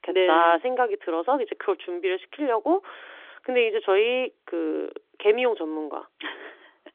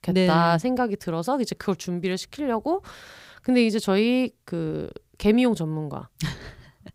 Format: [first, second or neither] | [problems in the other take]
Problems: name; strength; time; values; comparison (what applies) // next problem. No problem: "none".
second | phone-call audio; nothing above 3.5 kHz